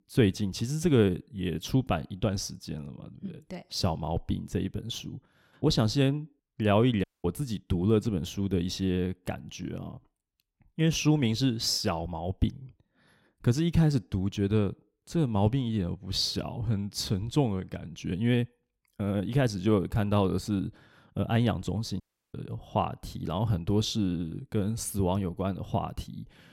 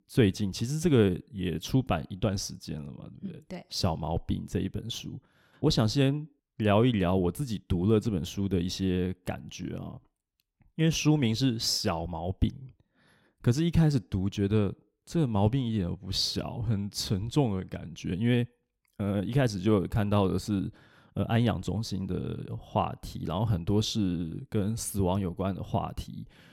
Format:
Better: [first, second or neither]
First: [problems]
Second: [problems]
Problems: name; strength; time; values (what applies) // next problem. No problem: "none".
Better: second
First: audio cutting out; at 7 s and at 22 s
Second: none